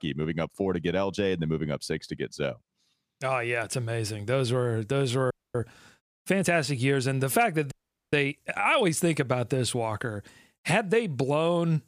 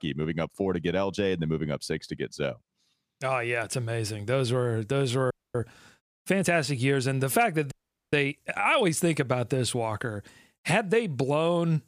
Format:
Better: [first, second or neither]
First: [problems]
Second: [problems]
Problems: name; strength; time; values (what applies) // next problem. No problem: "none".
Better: neither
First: audio freezing; at 5.5 s and at 7.5 s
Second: audio freezing; at 5.5 s and at 7.5 s